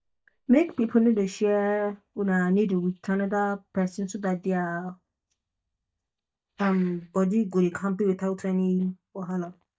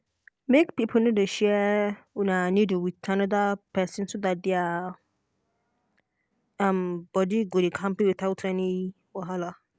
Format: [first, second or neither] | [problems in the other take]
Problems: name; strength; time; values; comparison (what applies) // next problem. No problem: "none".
second | noise reduction (neural mask model DeepFilterNet 3)